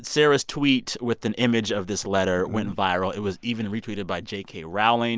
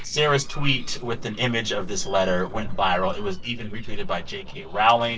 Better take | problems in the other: first | noise reduction (neural separator model SepFormer DNS4)

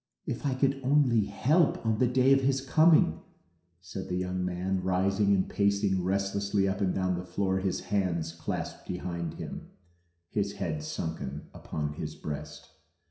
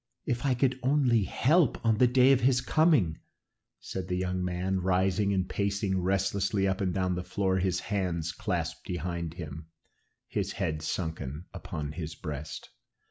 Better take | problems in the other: second | room echo; dies away in 0.7 s

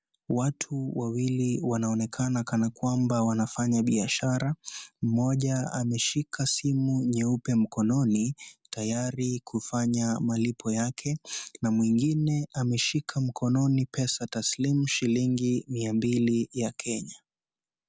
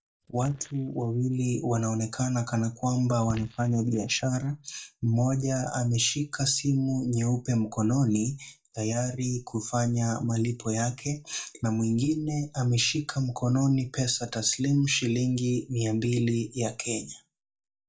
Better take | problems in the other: first | noise reduction (neural mask model DeepFilterNet 3)

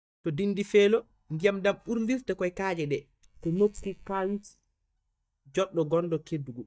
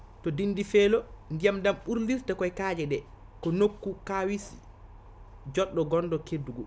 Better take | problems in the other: second | noise reduction (neural mask model DeepFilterNet 3)

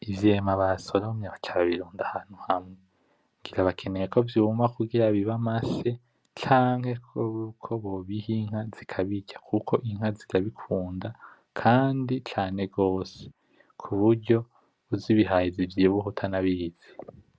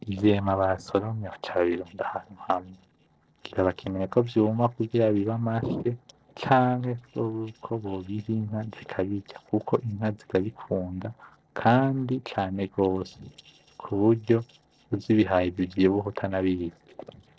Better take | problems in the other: first | noise reduction (neural separator model SepFormer DNS4)

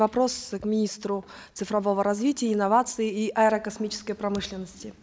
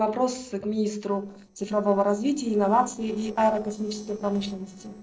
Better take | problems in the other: first | noise reduction (neural separator model SepFormer DNS4)

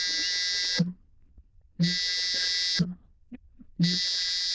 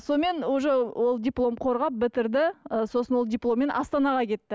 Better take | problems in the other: second | noise reduction (neural diffusion model UNIVERSE++)

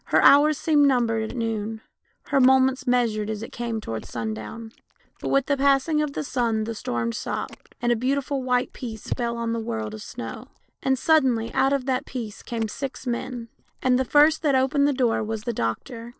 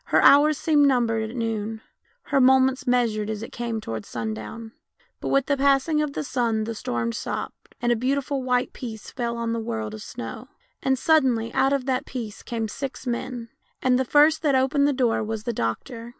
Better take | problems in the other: second | noise reduction (neural separator model SepFormer DNS4)

